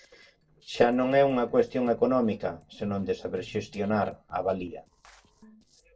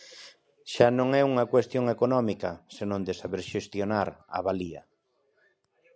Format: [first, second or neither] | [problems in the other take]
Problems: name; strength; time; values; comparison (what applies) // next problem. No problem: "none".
second | noise reduction (neural separator model SepFormer DNS4)